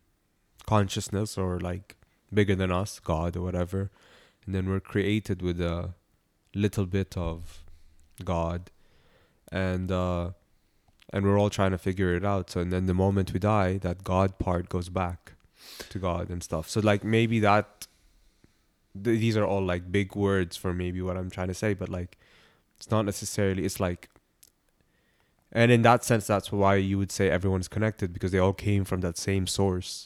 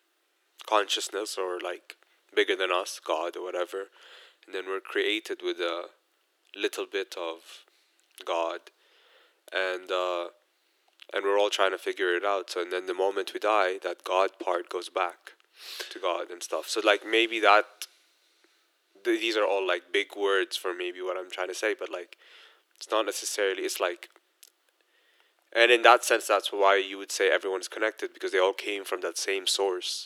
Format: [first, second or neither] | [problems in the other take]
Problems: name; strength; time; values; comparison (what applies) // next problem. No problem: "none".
first | thin; very; fading below 350 Hz